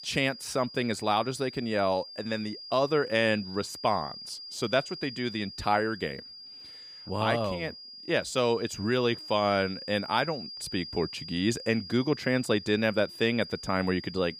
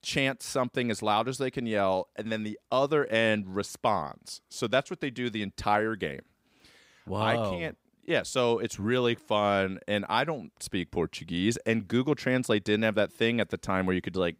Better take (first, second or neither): second